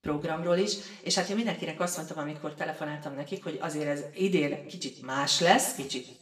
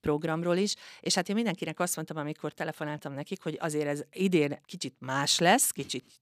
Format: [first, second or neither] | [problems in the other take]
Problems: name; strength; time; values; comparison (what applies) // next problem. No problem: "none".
second | room echo; slight; dies away in 0.7 s // off-mic speech; somewhat distant